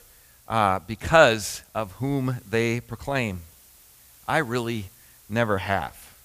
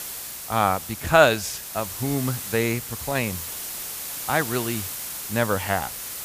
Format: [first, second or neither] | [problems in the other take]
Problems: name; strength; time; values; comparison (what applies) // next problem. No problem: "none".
first | hiss; loud; throughout; 7 dB below the speech; faint in the first